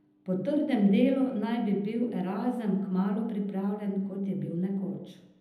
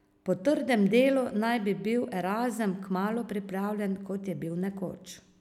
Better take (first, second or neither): second